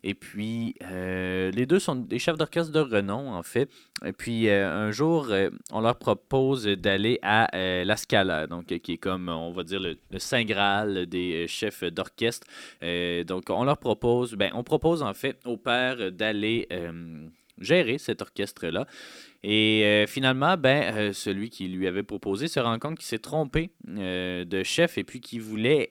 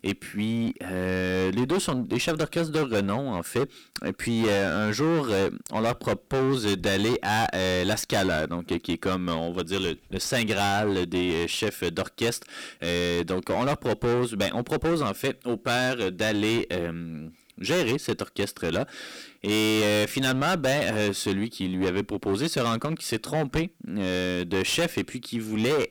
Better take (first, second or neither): first